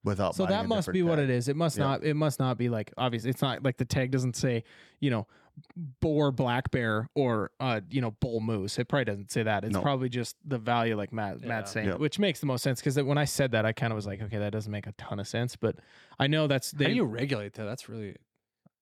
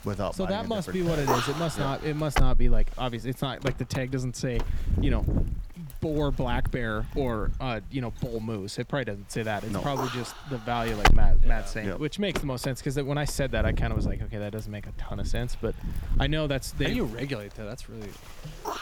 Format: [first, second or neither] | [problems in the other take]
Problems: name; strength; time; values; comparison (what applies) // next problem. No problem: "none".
first | wind noise on the microphone; heavy; 1 dB below the speech